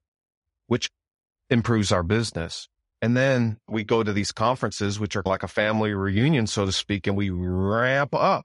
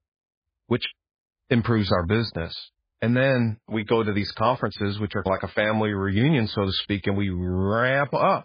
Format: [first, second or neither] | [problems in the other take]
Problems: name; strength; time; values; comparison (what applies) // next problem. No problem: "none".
first | garbled, watery; badly; nothing above 4.5 kHz; slightly in the first